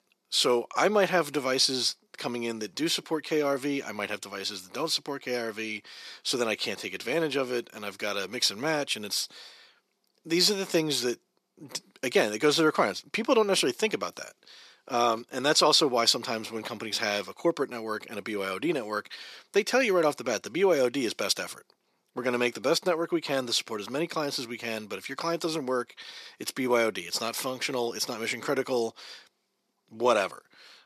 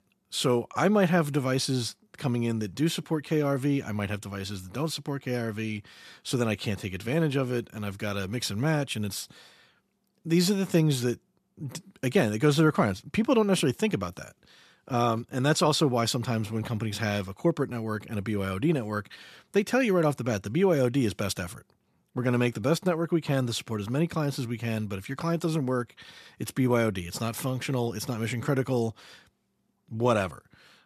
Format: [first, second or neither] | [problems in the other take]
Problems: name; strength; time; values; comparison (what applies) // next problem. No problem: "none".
second | thin; somewhat; fading below 400 Hz